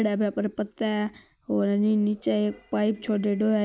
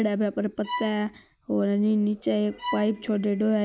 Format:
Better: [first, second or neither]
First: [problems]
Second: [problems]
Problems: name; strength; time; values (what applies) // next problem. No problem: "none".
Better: first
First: none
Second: background sound (Bowed string instrument); 11 dB below the speech